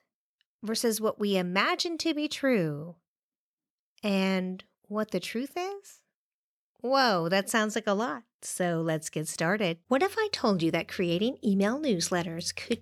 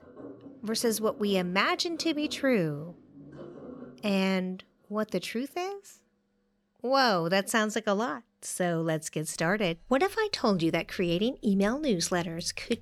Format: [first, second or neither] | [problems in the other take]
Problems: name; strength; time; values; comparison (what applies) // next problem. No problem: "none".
first | household noises; faint; throughout; 20 dB below the speech